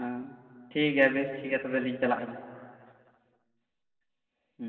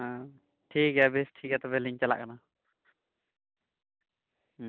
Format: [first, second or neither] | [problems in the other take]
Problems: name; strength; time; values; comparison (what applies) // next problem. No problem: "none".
second | room echo; dies away in 2.1 s